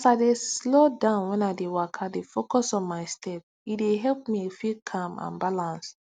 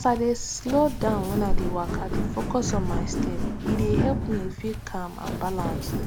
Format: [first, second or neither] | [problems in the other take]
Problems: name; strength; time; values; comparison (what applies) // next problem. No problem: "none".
first | background sound (Walk, footsteps); 1 dB above the speech